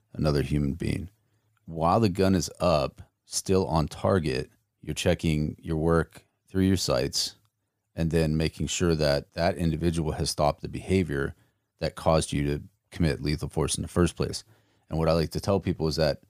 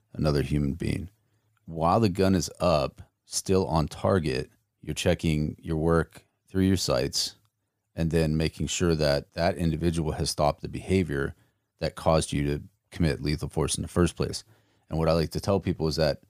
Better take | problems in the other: neither | none

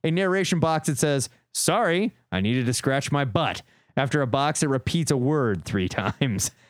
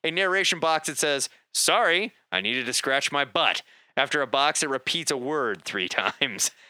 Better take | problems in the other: first | thin; somewhat; fading below 450 Hz

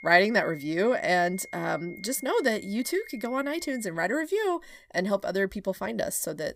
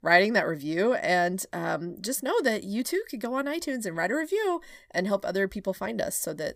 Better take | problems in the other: second | high-pitched whine; noticeable; until 4 s; 2 kHz, 20 dB below the speech

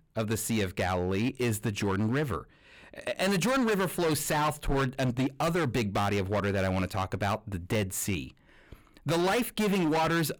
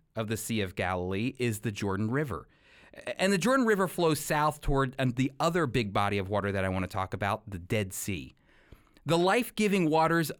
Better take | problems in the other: second | distortion; heavy; 17% of the sound clipped

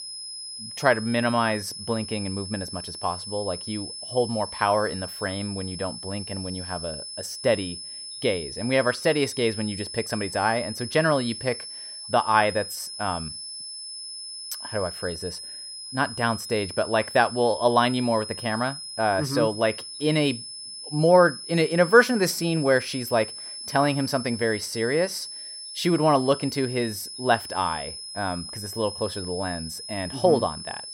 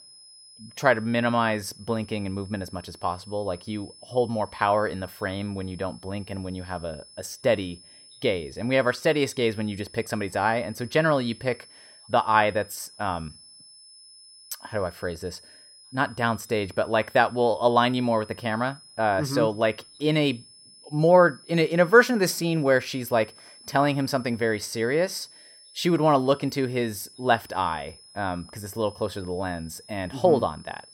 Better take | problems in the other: second | high-pitched whine; loud; throughout; 5 kHz, 9 dB below the speech; faint in the second

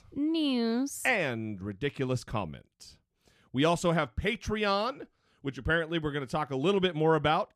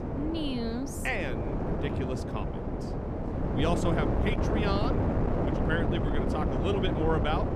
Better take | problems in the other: first | wind noise on the microphone; heavy; 1 dB below the speech

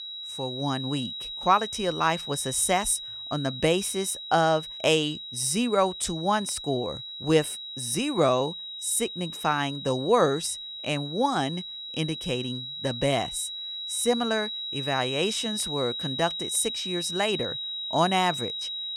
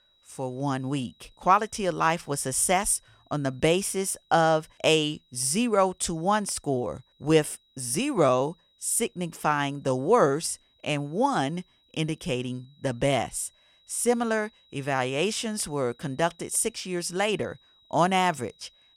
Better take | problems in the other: second | high-pitched whine; loud; throughout; 4 kHz, 6 dB below the speech; faint in the second

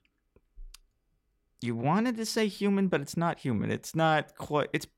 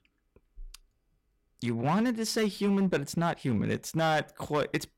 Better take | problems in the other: first | distortion; slight; 5% of the sound clipped

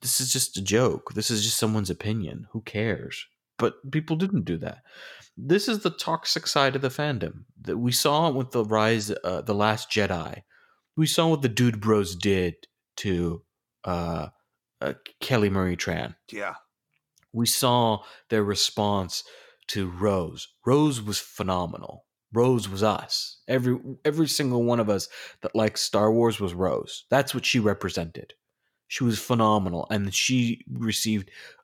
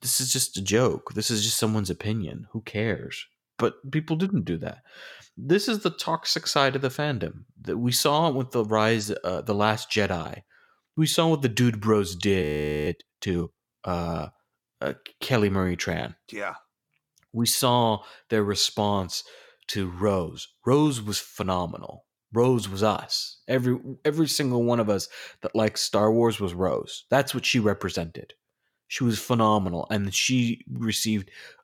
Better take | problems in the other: first | audio freezing; at 12 s

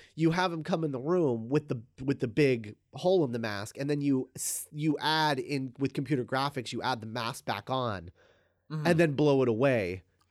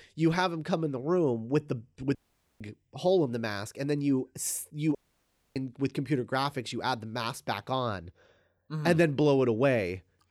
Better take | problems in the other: first | audio cutting out; at 2 s and at 5 s for 0.5 s

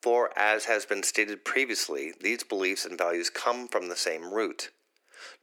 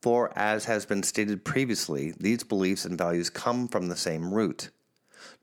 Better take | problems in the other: second | thin; very; fading below 350 Hz

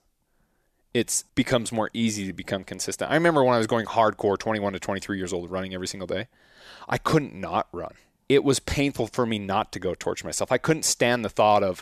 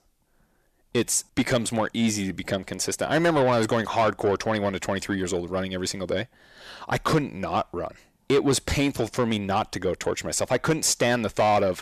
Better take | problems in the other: first | distortion; slight; 10 dB below the speech

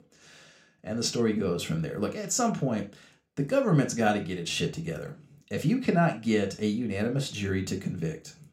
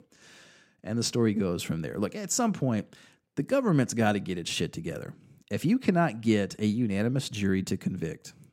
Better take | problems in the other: second | room echo; very slight; dies away in 0.3 s

